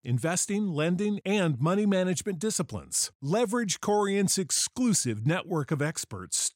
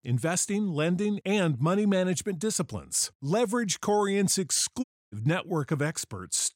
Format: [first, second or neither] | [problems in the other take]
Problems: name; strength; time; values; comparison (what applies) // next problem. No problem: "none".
first | audio cutting out; at 5 s